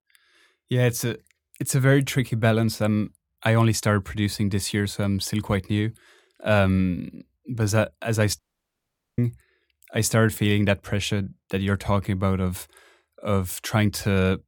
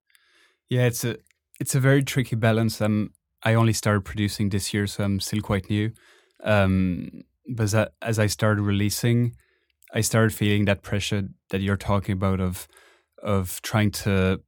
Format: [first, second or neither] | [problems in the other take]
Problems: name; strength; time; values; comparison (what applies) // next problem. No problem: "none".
second | audio cutting out; at 8.5 s for 1 s